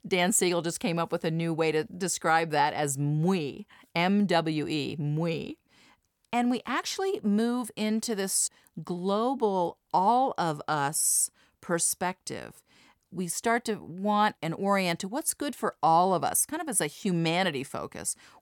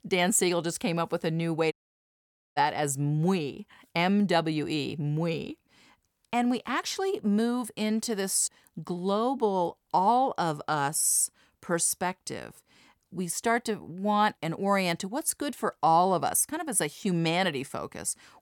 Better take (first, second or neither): first